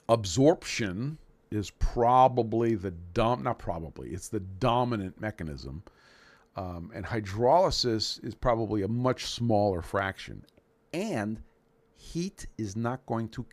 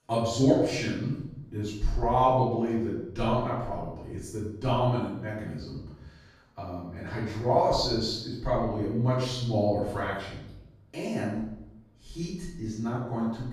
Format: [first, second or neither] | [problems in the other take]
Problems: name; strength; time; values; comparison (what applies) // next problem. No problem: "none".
first | off-mic speech; far // room echo; noticeable; dies away in 0.7 s